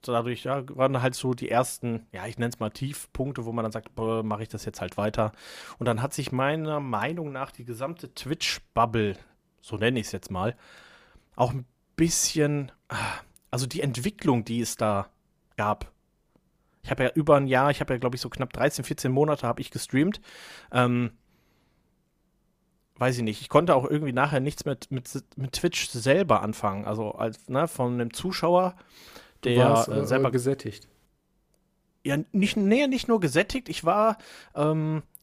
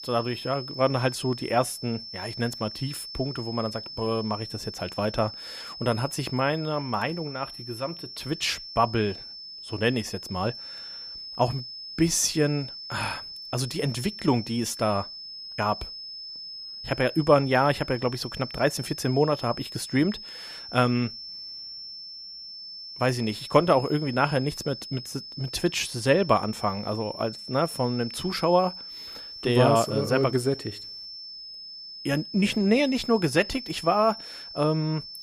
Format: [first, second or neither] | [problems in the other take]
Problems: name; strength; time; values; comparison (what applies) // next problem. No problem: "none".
first | high-pitched whine; noticeable; throughout; 5.5 kHz, 10 dB below the speech